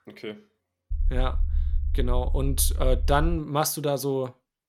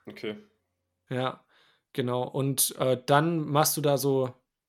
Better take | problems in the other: second | low rumble; faint; from 1 to 3.5 s; 20 dB below the speech

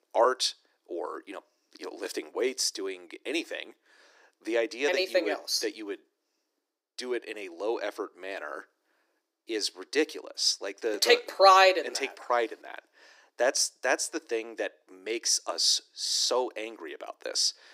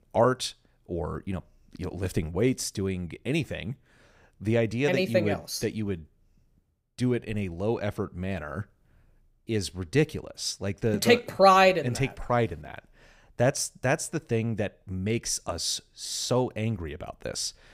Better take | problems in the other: second | thin; very; fading below 300 Hz

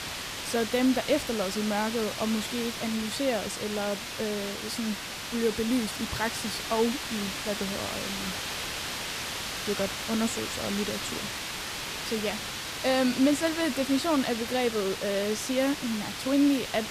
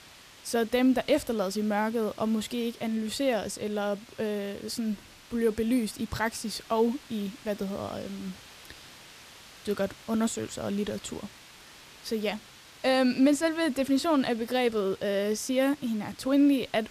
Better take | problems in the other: second | hiss; loud; throughout; 4 dB below the speech; faint in the second

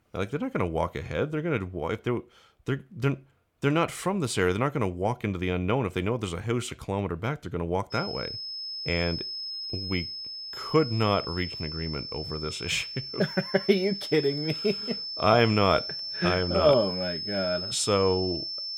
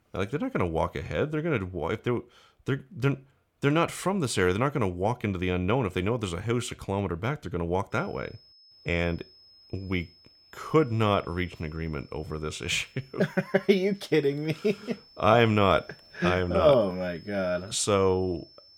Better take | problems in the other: second | high-pitched whine; loud; from 8 s on; 5.5 kHz, 5 dB below the speech; faint in the second

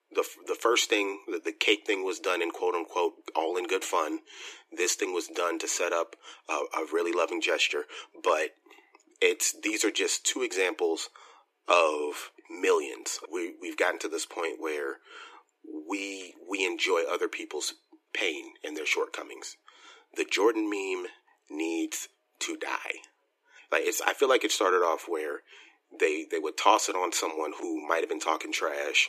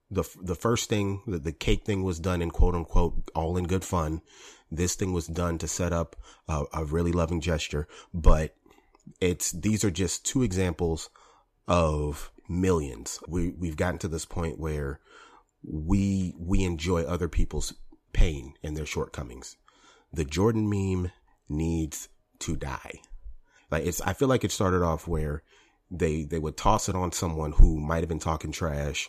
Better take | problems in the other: second | thin; very; fading below 300 Hz

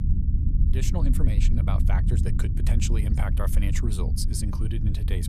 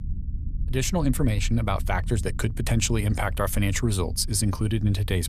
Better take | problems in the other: second | low rumble; loud; throughout; 4 dB below the speech; faint in the second

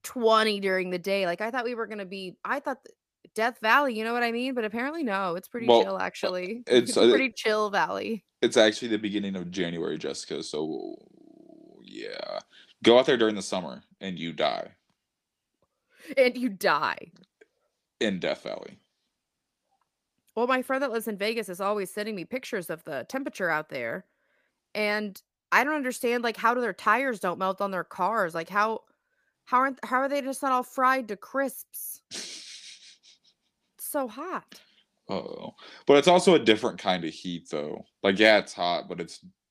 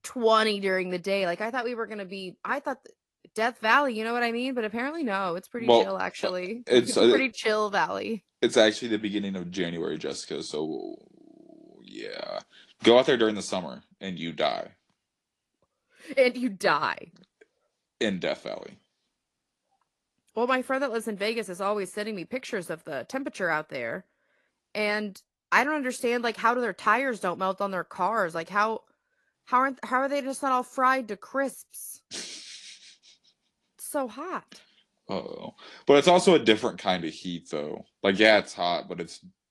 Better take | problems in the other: first | garbled, watery; slightly; nothing above 11.5 kHz

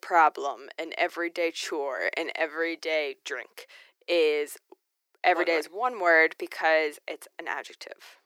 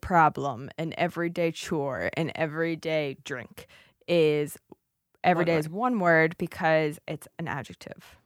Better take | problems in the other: second | thin; very; fading below 350 Hz

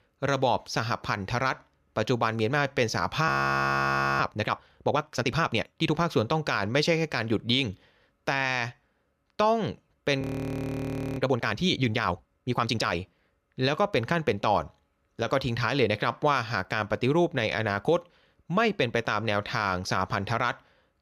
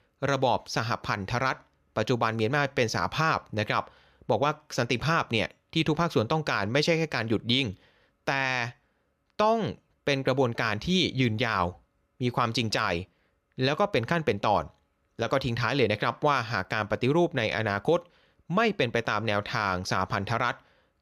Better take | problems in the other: second | audio freezing; at 3.5 s for 1 s and at 10 s for 1 s

